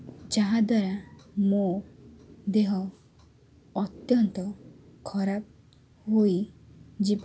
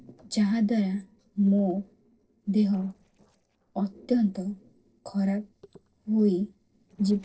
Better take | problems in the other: first | noise reduction (neural separator model SepFormer DNS4)

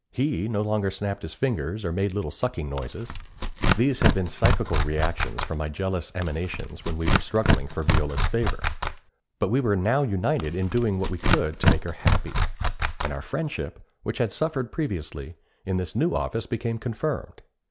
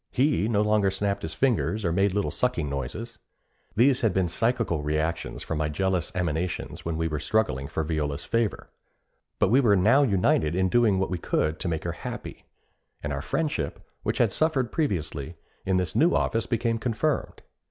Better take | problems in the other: second | background sound (Tearing); 3 dB above the speech

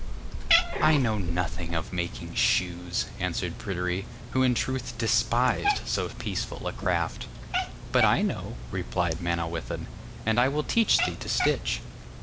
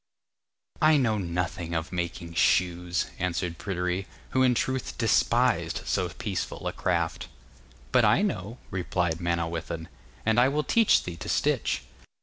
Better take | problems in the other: second | background sound (Cat); 4 dB below the speech

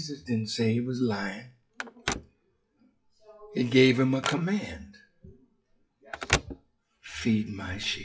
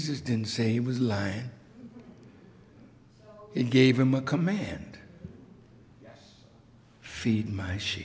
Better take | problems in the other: second | noise reduction (classical method WPE with log-MMSE)

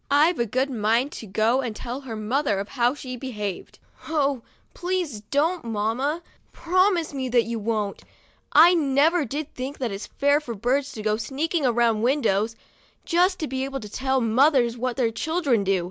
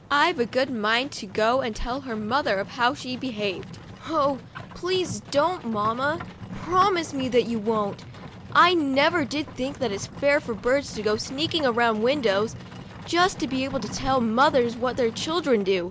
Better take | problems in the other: first | background sound (Livestock, farm animals, working animals); 14 dB below the speech

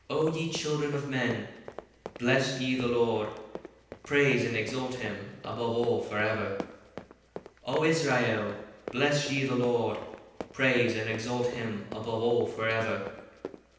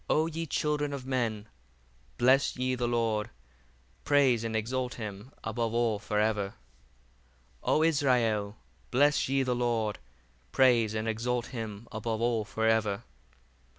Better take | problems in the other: second | background sound (Run); 16 dB below the speech // room echo; dies away in 0.9 s

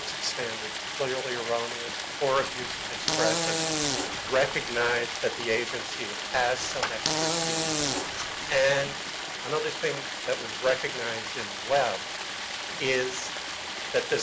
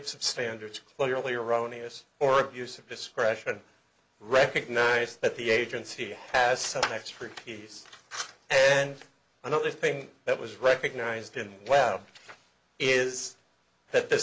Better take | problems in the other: second | background sound (Stream + Fart); 1 dB below the speech

